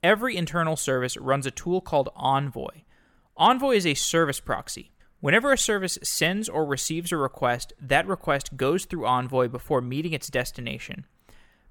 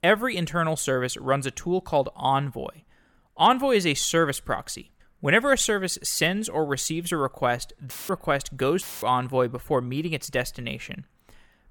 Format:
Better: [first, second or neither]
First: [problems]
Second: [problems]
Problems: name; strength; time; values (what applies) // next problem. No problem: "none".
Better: first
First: none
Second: audio cutting out; filled with static; at 8 s and at 9 s